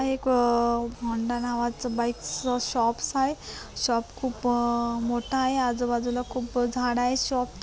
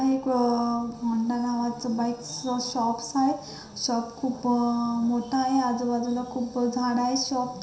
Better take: first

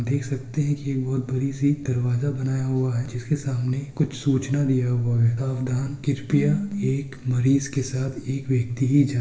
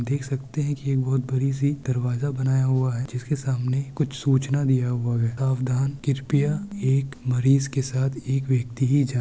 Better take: second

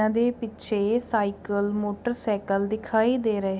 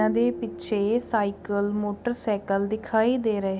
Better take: first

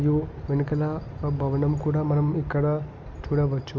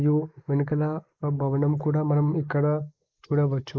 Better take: first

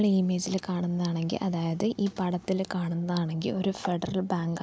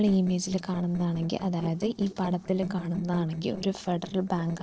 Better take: first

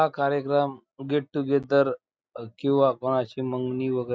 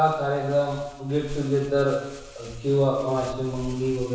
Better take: first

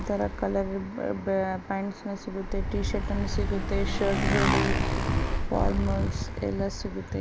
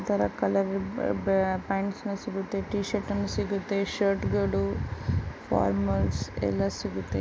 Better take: second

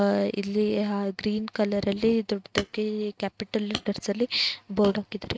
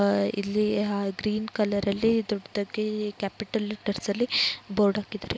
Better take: second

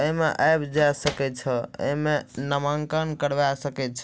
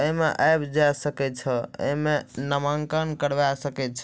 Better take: second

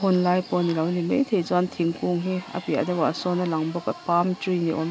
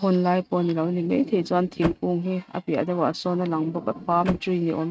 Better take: first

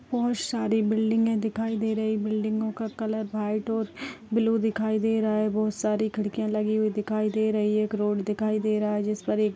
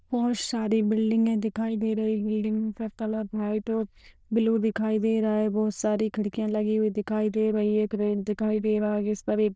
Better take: first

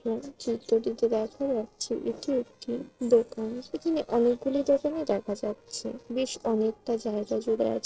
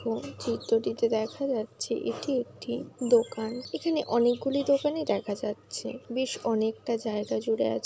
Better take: second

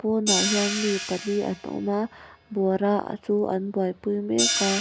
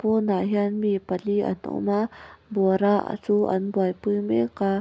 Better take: second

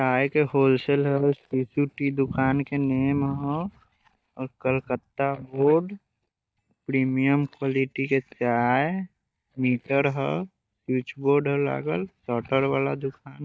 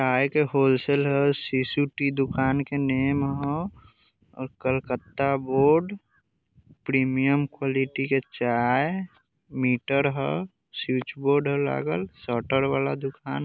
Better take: second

